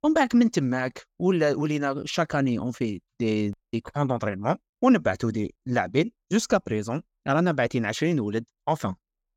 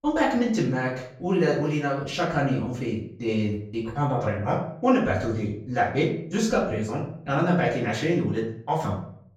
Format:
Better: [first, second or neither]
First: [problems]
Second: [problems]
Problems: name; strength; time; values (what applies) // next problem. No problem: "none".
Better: first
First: none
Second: room echo; noticeable; dies away in 0.5 s // off-mic speech; far